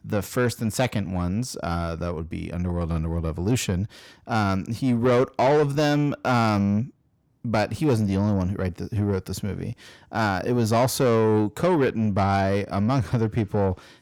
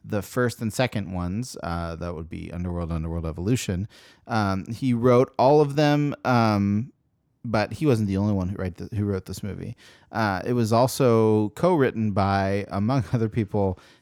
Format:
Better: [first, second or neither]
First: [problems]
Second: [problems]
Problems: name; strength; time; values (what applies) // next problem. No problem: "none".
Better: second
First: distortion; slight; 10 dB below the speech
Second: none